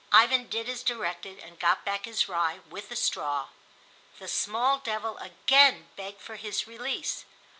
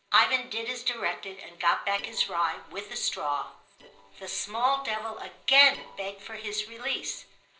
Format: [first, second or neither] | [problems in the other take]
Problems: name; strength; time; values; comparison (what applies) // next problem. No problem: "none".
first | noise reduction (neural separator model SepFormer DNS4)